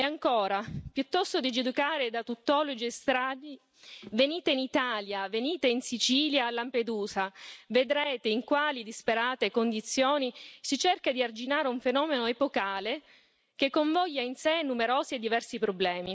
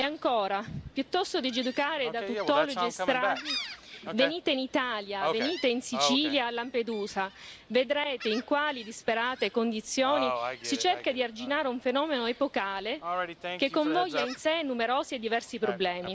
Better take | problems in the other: first | background sound (Gull, seagull); 8 dB below the speech

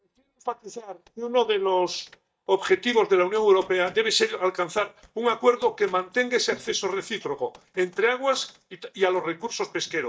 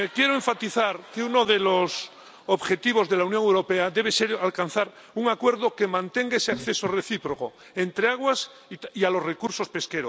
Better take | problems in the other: second | noise reduction (neural mask model DeepFilterNet 3)

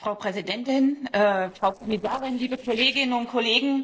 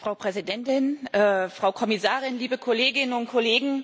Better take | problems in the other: second | noise reduction (neural separator model SepFormer DNS4)

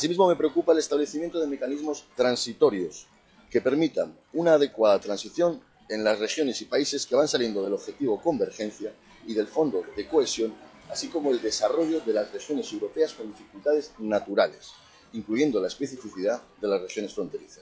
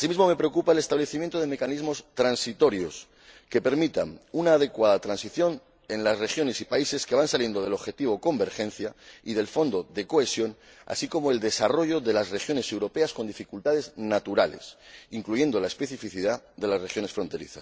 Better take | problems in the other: second | noise reduction (classical method log-MMSE)

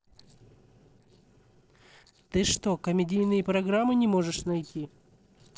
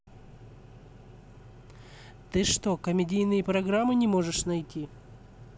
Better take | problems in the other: second | noise reduction (neural separator model SepFormer DNS4)

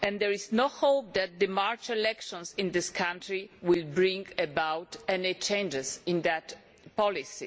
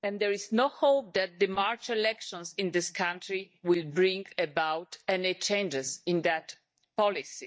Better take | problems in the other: first | noise reduction (neural mask model DeepFilterNet 3)

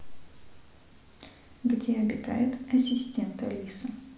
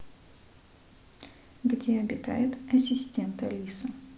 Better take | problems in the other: second | room echo; dies away in 0.7 s

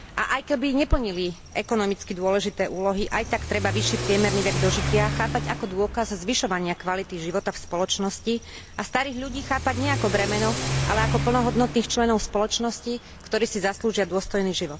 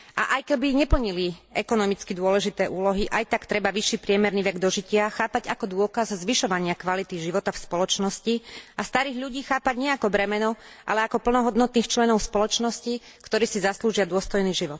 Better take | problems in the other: second | background sound (Accelerating, revving, vroom / Car); 6 dB below the speech

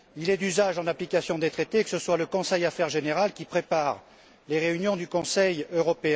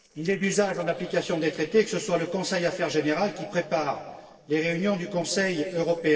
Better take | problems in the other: first | noise reduction (neural separator model SepFormer DNS4)

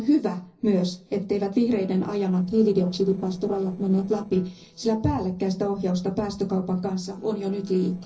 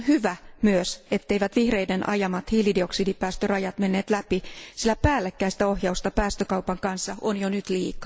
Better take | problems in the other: second | noise reduction (neural separator model SepFormer DNS4)

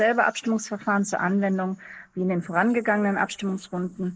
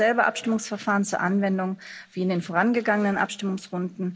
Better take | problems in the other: second | noise reduction (neural mask model Resemble Enhance denoiser)

